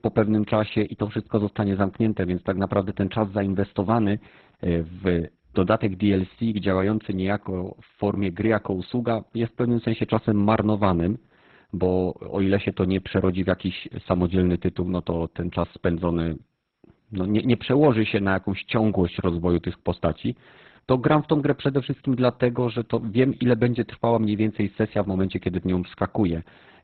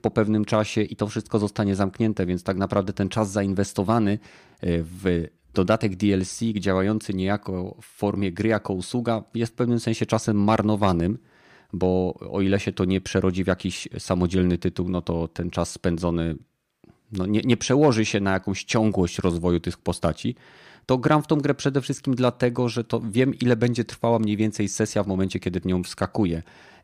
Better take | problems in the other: second | garbled, watery; badly; nothing above 4 kHz

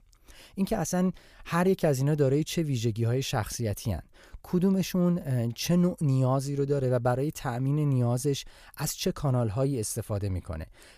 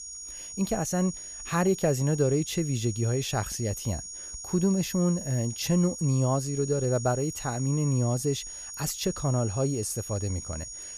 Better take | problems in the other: first | high-pitched whine; loud; throughout; 6.5 kHz, 9 dB below the speech

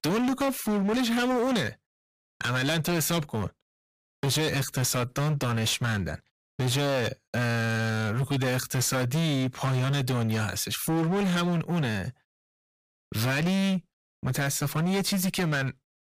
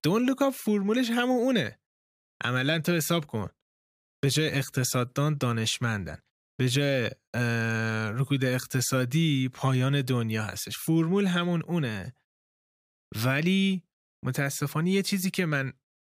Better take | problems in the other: second | distortion; heavy; 25% of the sound clipped

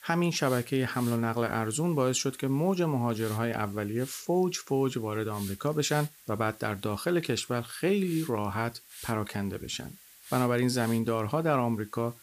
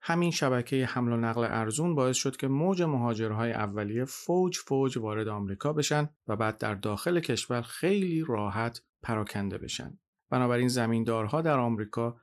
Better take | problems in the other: second | hiss; noticeable; throughout; 20 dB below the speech

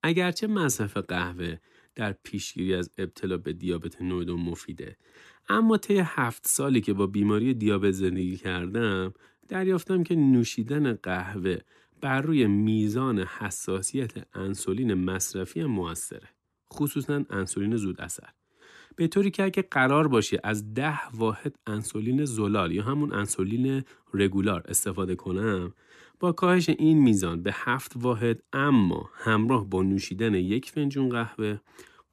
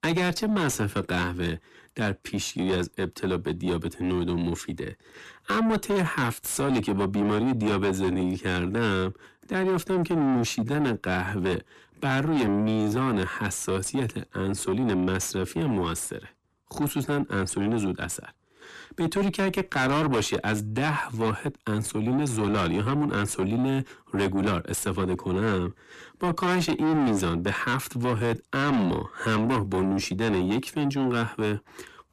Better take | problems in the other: first | distortion; heavy; 7 dB below the speech

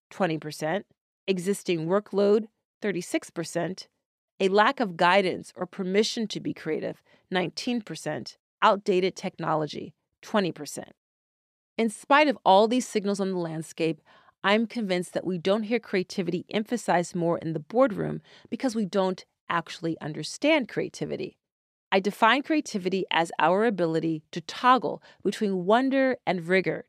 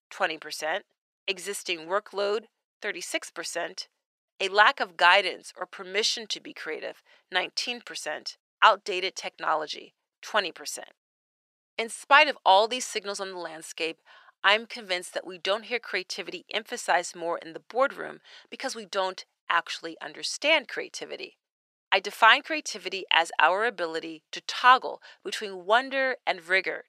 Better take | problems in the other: first | thin; very; fading below 650 Hz

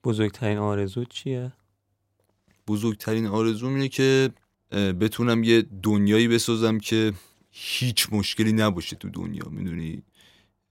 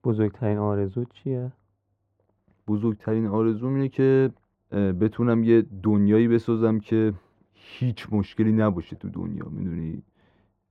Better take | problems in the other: first | muffled; very; fading above 3 kHz

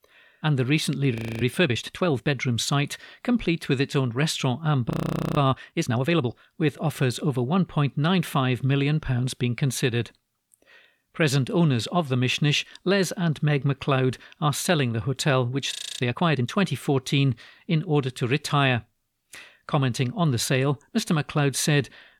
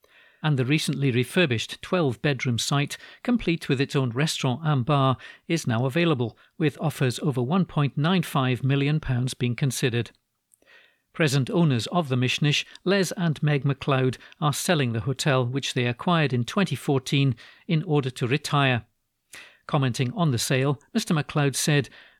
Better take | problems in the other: second | audio freezing; at 1 s, at 5 s and at 16 s

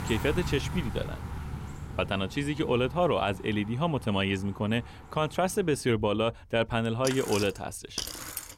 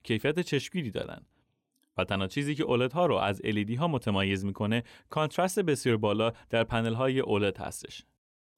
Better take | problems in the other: second | traffic noise; noticeable; throughout; 10 dB below the speech

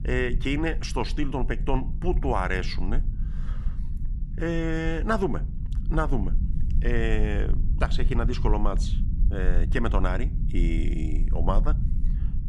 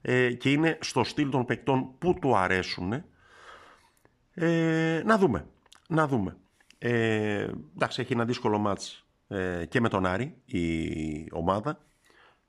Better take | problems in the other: second | low rumble; noticeable; throughout; 15 dB below the speech

